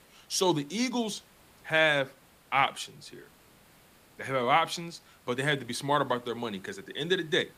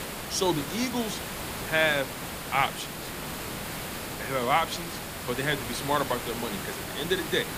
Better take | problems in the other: first | hiss; loud; throughout; 6 dB below the speech; faint in the first

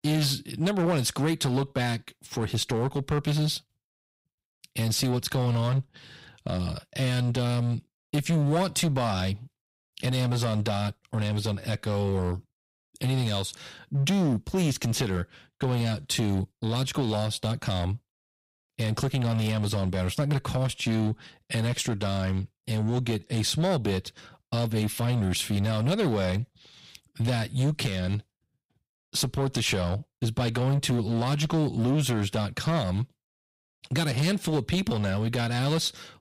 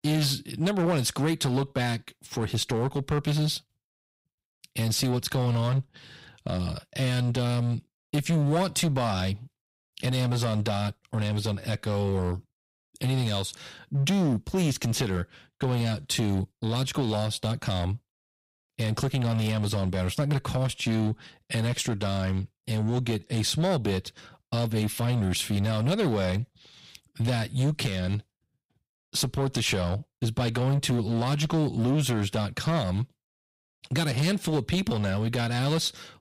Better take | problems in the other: neither | distortion; slight; 10% of the sound clipped; the same in both

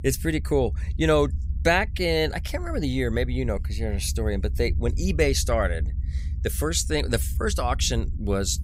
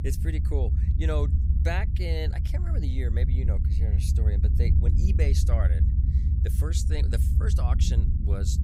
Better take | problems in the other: first | low rumble; loud; throughout; 4 dB below the speech; faint in the first

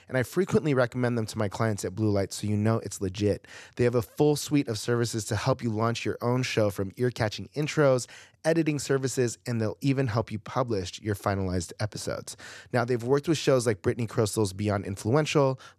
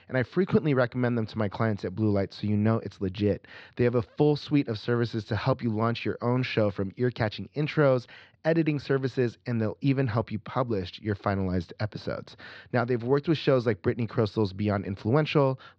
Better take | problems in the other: first | muffled; very slightly; fading above 4.5 kHz

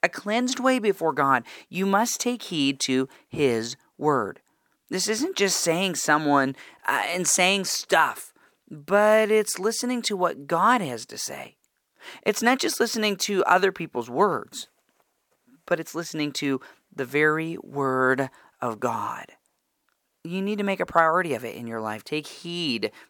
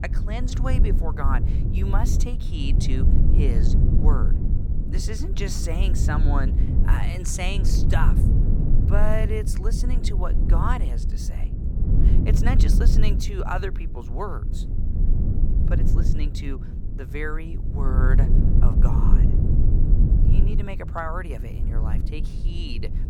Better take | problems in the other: first | low rumble; loud; throughout; 4 dB below the speech

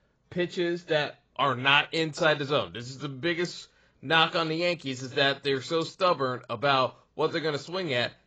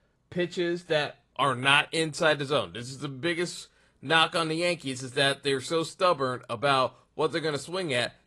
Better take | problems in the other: second | garbled, watery; badly; nothing above 7.5 kHz; slightly in the second

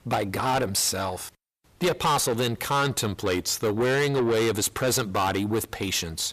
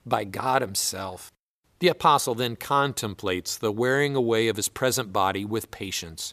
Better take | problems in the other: second | distortion; heavy; 6 dB below the speech

